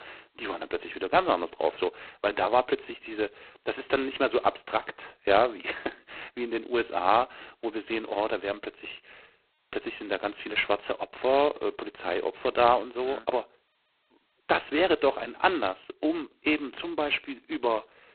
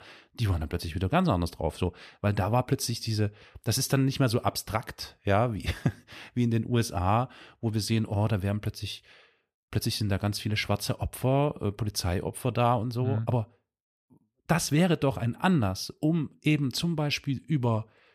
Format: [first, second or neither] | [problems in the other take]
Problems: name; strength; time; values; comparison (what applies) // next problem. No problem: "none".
second | phone-call audio; poor line; nothing above 4 kHz